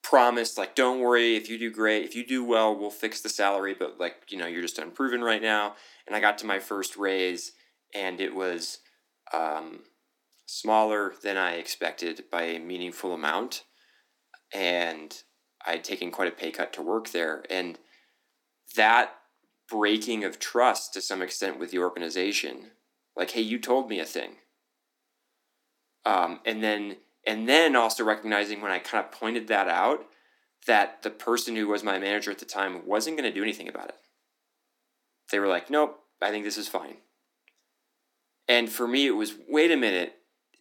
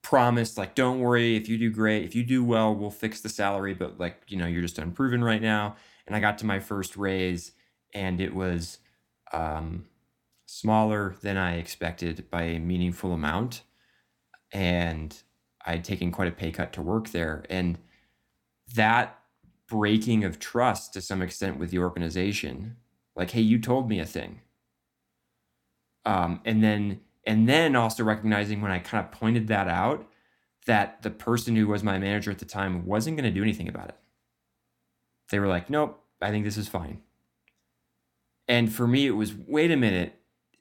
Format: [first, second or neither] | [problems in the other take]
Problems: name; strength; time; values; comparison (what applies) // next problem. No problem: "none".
second | thin; somewhat; fading below 300 Hz